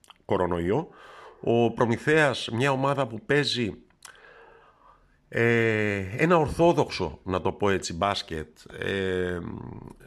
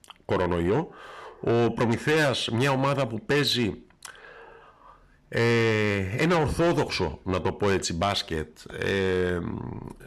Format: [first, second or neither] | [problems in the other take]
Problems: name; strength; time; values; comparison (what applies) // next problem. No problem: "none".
first | distortion; heavy; 8 dB below the speech